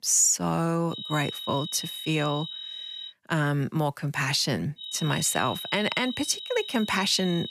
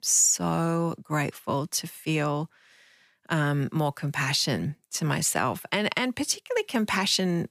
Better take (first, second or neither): second